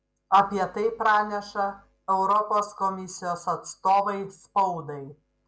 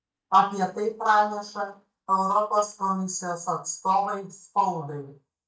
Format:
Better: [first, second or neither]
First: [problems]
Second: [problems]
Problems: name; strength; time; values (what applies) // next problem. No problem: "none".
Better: first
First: none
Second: noise reduction (neural mask model DeepFilterNet 3)